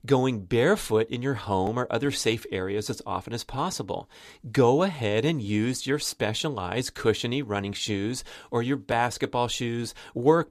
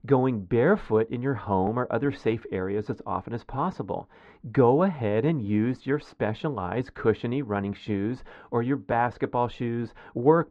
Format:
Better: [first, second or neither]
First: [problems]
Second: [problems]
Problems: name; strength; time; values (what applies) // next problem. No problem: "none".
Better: first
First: none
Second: muffled; very; fading above 1.5 kHz